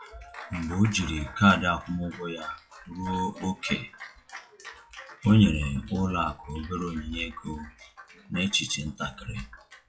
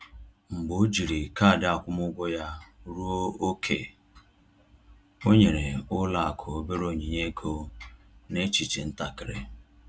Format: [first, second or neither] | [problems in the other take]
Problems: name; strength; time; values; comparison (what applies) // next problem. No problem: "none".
second | noise reduction (classical method WPE with log-MMSE)